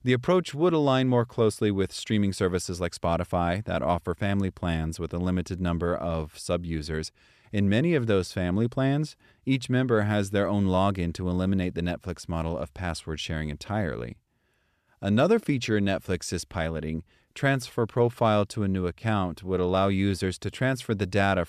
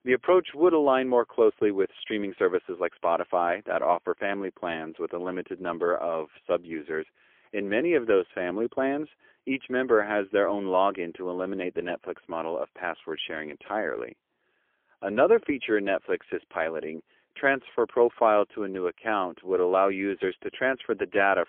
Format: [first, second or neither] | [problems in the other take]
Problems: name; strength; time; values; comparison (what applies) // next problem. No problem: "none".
first | phone-call audio; poor line; nothing above 3.5 kHz